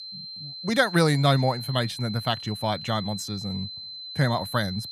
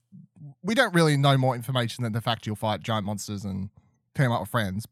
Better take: second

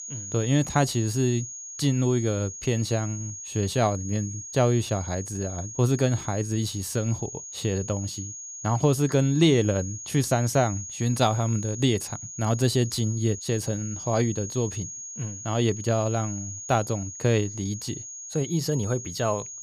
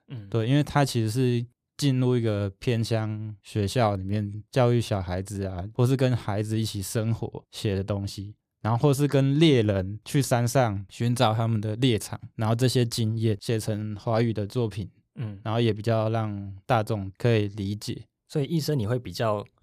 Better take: second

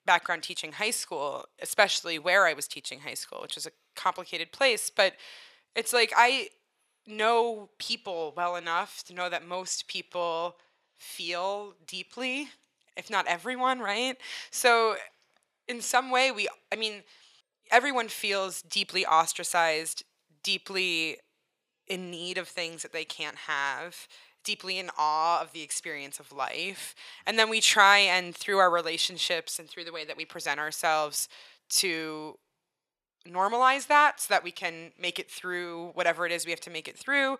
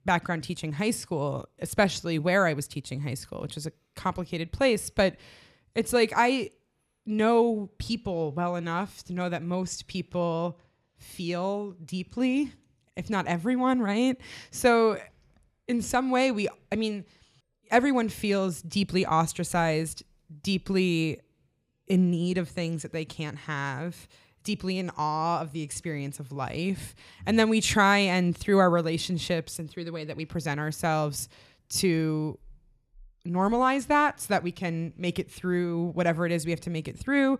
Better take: second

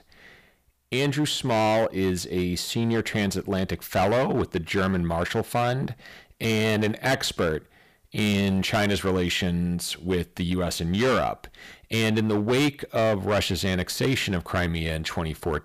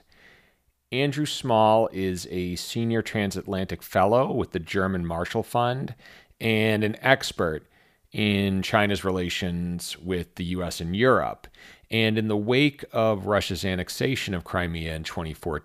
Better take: second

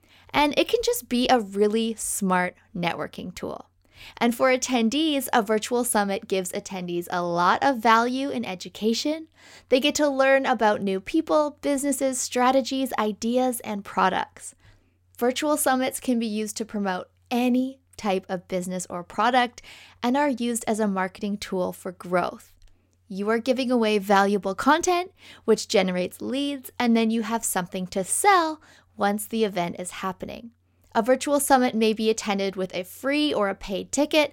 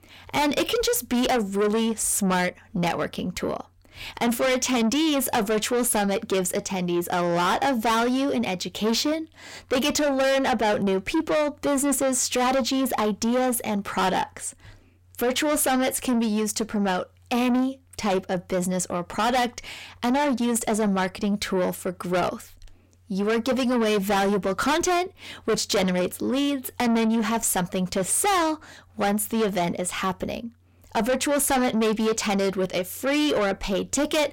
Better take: first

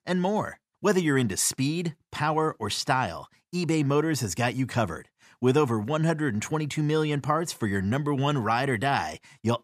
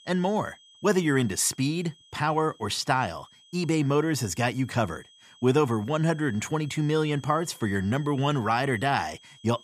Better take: first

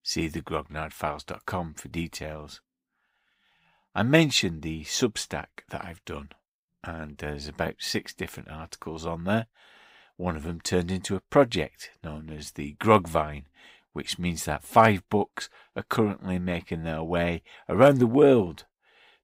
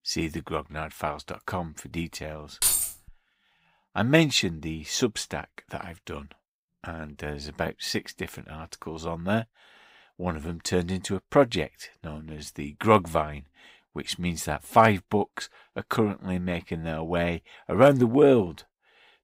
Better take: first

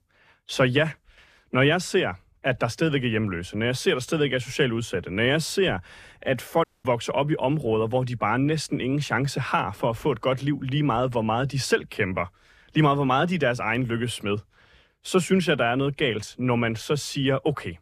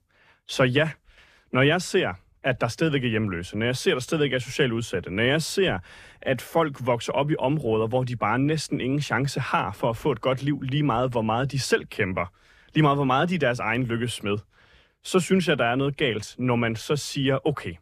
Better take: second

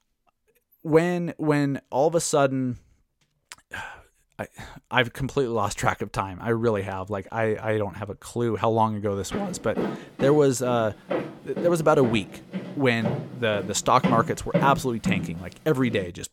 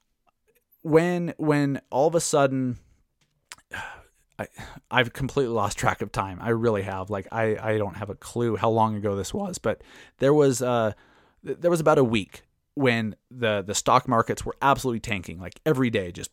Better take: second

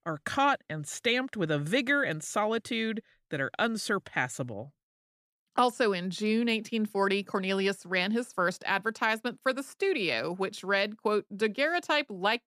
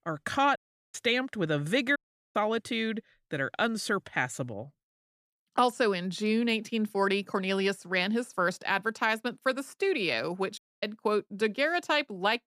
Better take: first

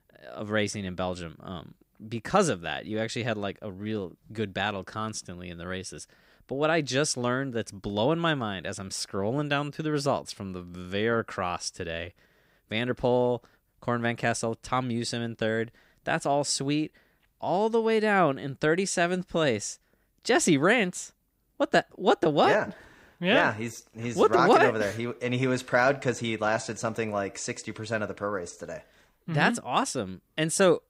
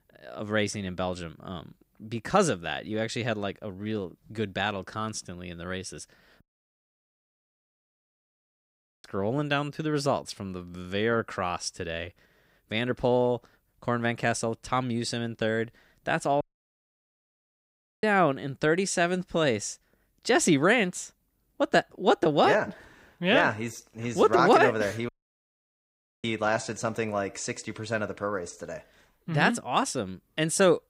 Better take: first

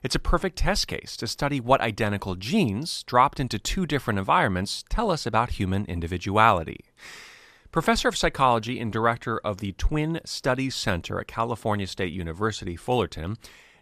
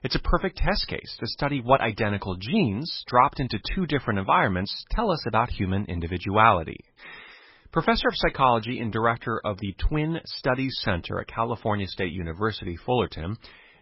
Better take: first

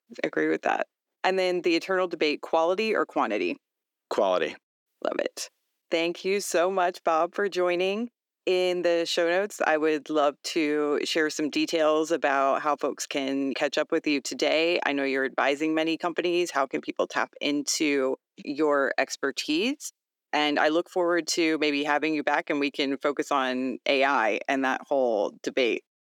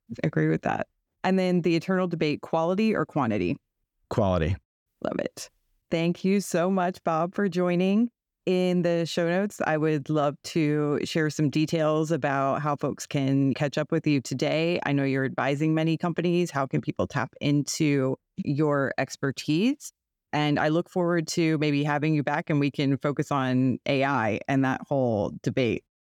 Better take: second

